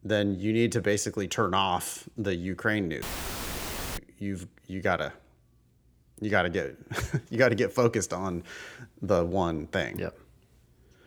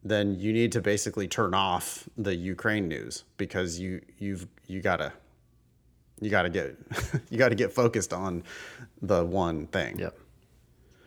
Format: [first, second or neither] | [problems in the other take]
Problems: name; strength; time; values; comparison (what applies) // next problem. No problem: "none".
second | audio cutting out; filled with static; at 3 s for 1 s